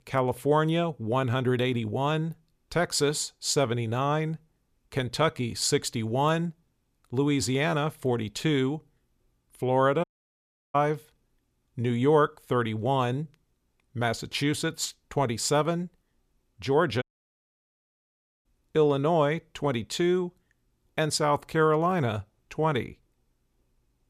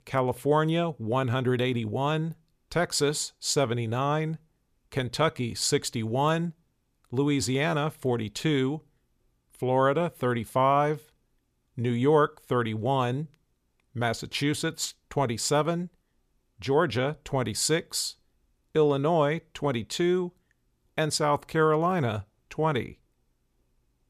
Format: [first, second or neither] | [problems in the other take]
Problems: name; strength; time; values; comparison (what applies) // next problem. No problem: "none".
second | audio cutting out; at 10 s for 0.5 s and at 17 s for 1.5 s